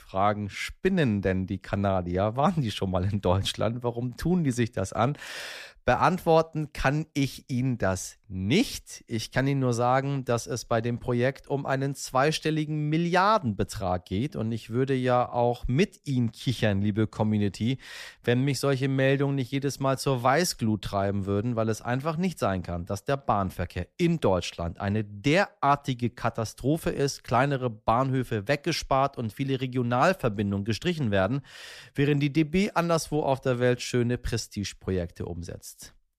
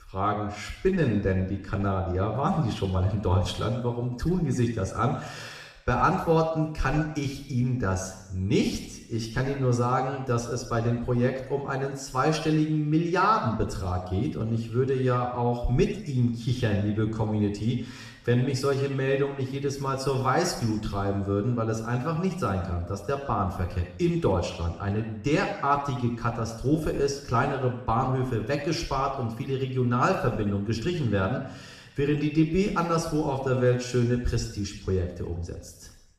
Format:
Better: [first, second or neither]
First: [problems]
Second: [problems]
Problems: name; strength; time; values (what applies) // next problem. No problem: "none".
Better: first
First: none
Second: room echo; noticeable; dies away in 0.8 s // off-mic speech; far